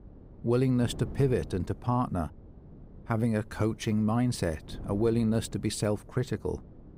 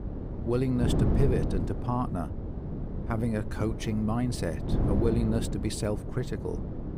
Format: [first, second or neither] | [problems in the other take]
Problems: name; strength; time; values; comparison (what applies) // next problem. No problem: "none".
first | wind noise on the microphone; heavy; 5 dB below the speech; occasional gusts in the first